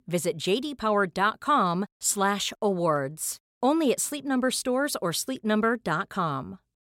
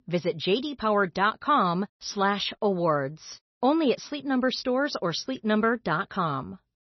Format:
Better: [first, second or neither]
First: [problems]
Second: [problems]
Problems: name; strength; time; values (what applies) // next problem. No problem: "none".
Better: first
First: none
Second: garbled, watery; slightly; nothing above 6 kHz